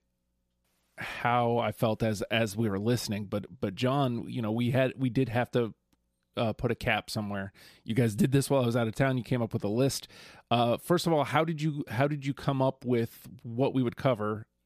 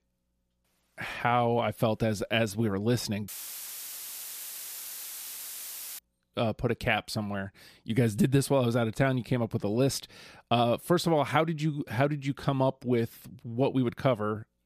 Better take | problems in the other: first | audio cutting out; filled with static; at 3.5 s for 2.5 s

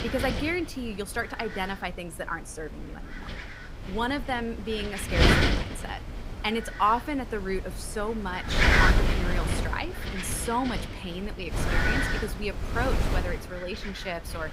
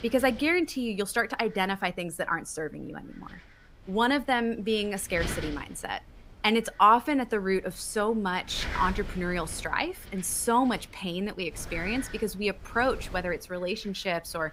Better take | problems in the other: second | wind noise on the microphone; heavy; 2 dB above the speech; occasional gusts in the second

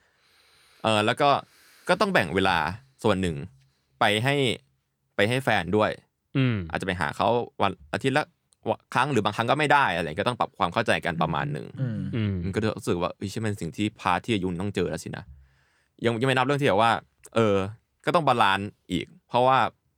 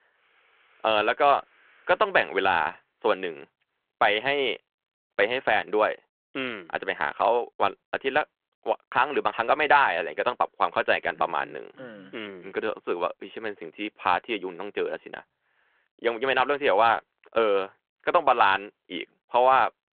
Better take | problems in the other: first | phone-call audio

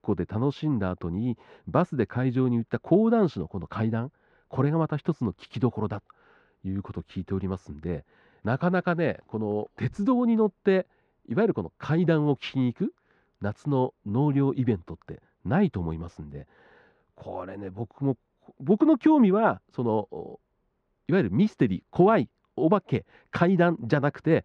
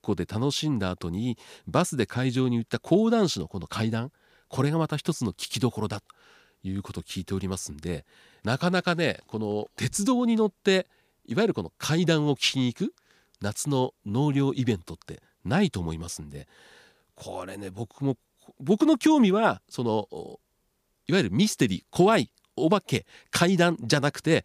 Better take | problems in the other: second | muffled; very; fading above 1.5 kHz

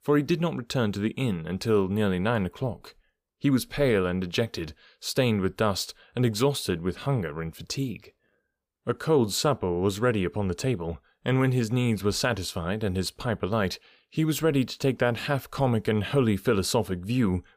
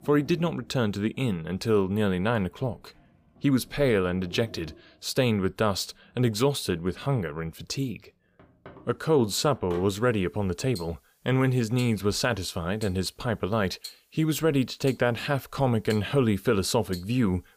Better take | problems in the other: first | household noises; faint; throughout; 20 dB below the speech

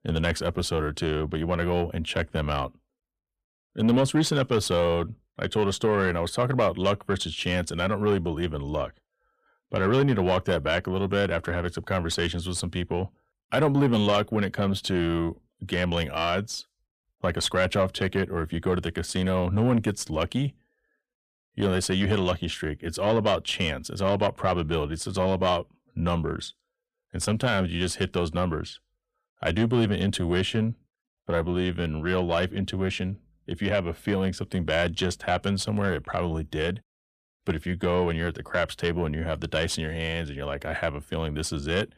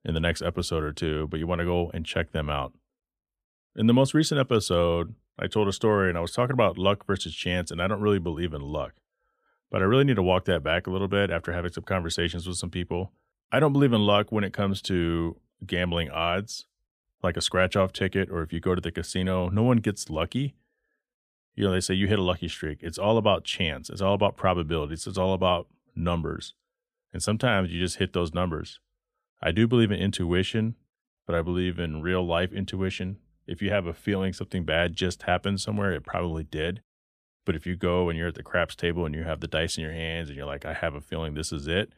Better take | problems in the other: second | distortion; slight; 10 dB below the speech

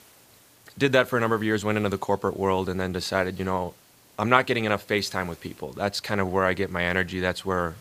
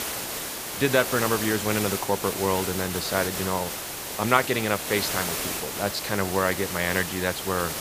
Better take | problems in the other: first | hiss; loud; throughout; 3 dB below the speech; faint in the first

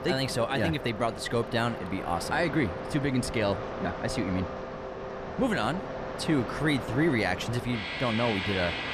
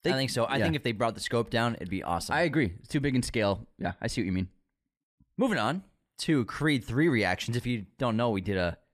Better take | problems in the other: second | train or aircraft noise; loud; throughout; 6 dB below the speech

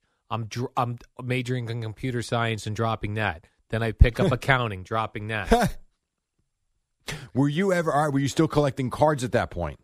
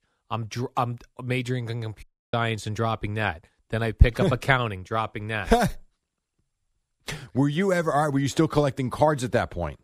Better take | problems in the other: first | audio cutting out; at 2 s

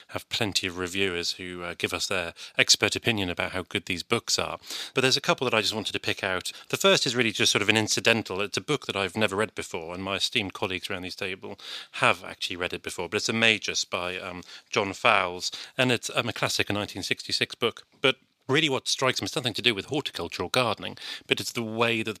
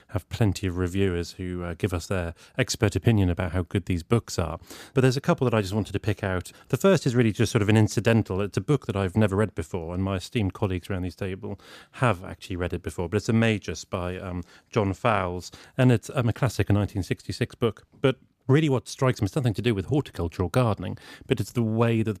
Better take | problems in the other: second | thin; somewhat; fading below 700 Hz

